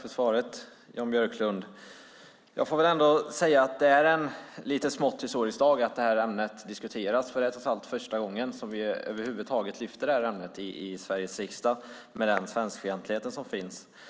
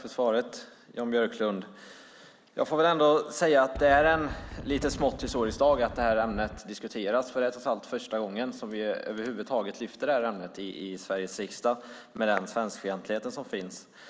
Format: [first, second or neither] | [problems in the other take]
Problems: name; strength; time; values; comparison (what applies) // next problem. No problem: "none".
first | background sound (Wind); 11 dB below the speech